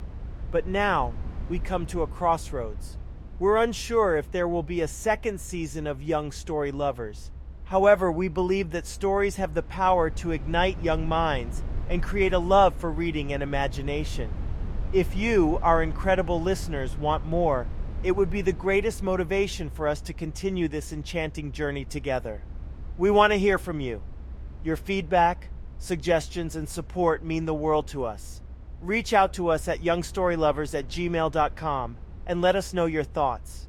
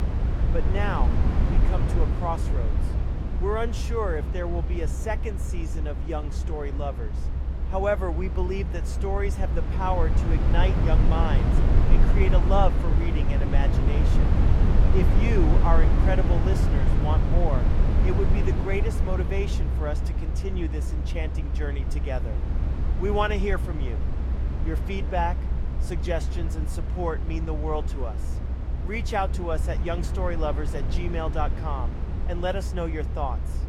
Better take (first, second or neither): first